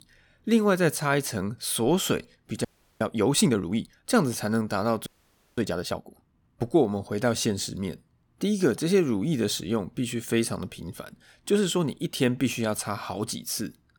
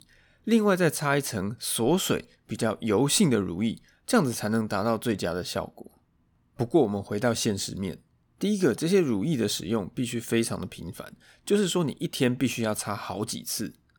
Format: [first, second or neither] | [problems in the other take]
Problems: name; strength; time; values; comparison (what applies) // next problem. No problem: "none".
second | audio freezing; at 2.5 s and at 5 s for 0.5 s